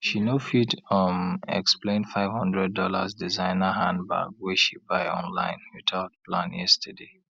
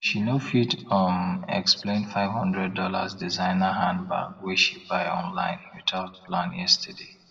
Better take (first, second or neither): first